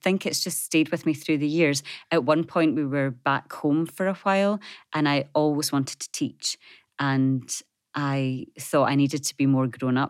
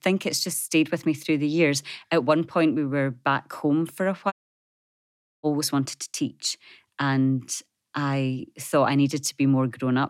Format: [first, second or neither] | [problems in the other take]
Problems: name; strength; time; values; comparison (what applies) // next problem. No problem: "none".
first | audio cutting out; at 4.5 s for 1 s